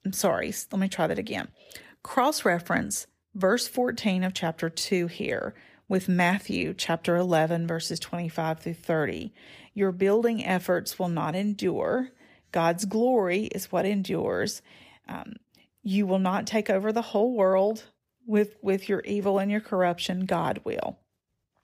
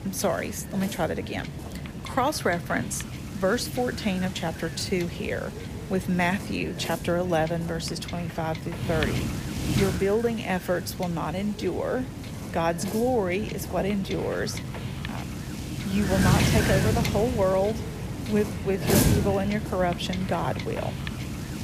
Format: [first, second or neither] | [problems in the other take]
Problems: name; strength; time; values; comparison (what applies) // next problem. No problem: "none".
first | wind noise on the microphone; heavy; 6 dB below the speech